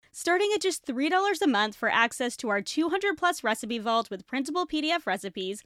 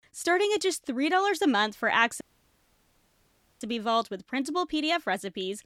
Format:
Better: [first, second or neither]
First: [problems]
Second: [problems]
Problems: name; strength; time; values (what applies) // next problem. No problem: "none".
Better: first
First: none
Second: audio cutting out; at 2 s for 1.5 s